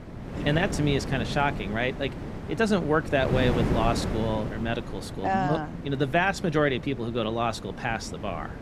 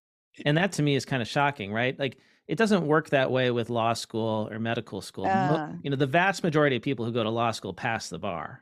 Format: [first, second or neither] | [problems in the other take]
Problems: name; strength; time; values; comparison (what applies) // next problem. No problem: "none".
second | wind noise on the microphone; occasional gusts; 10 dB below the speech